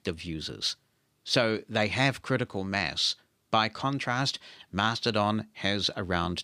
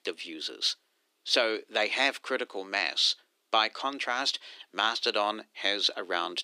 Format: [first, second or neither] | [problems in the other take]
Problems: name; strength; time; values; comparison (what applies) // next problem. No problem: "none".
first | thin; somewhat; fading below 300 Hz